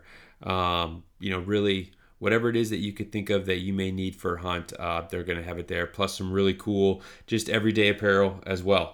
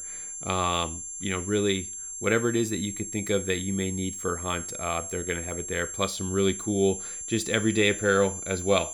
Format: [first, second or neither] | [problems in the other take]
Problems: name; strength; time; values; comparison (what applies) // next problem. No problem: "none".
first | high-pitched whine; loud; throughout; 7.5 kHz, 6 dB below the speech